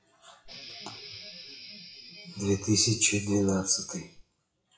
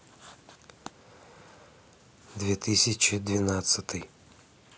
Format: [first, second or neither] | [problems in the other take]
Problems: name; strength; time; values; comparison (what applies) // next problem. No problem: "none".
second | noise reduction (classical method WPE with log-MMSE)